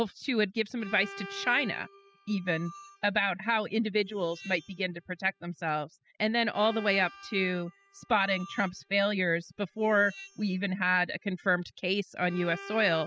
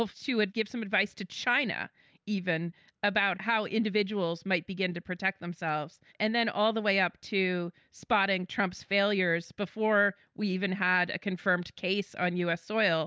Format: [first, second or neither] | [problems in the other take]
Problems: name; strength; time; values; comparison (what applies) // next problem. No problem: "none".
second | noise reduction (classical method spectral subtraction)